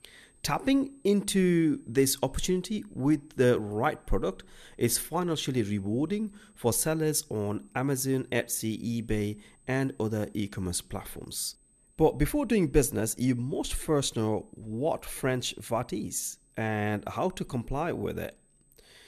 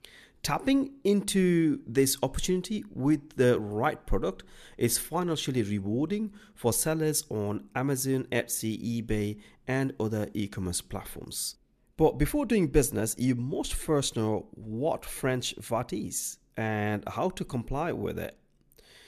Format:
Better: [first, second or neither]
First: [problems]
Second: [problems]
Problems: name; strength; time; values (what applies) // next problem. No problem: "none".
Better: second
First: high-pitched whine; faint; throughout; 8 kHz, 35 dB below the speech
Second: none